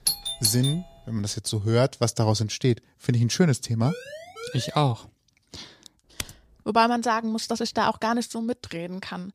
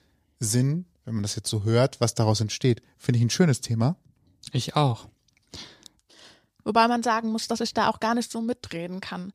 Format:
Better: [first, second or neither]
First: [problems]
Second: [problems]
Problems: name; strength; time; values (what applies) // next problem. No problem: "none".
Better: second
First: doorbell; loud; at the start; peak 1 dB above the speech // siren; faint; from 4 to 5 s; peak 15 dB below the speech // keyboard typing; very faint; at 6 s; peak 10 dB below the speech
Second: none